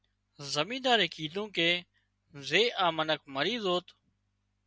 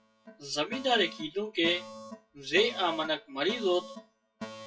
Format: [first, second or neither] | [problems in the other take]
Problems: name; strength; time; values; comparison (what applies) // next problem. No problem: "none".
first | noise reduction (classical method WPE with log-MMSE)